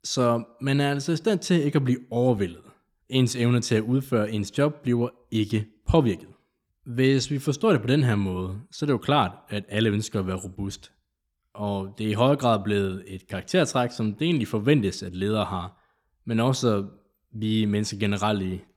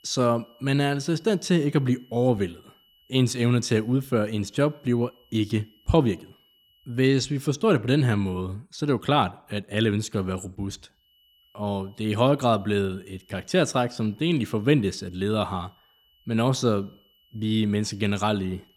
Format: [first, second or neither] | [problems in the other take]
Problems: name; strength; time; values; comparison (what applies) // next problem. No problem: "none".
first | high-pitched whine; faint; until 7 s and from 11 s on; 3 kHz, 35 dB below the speech